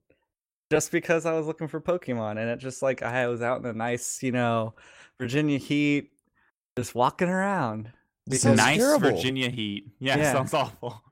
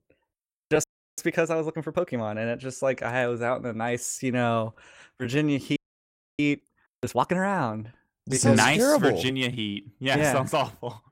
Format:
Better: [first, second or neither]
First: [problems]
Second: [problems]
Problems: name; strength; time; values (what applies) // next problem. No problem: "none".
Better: first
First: none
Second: audio freezing; at 1 s and at 6 s for 0.5 s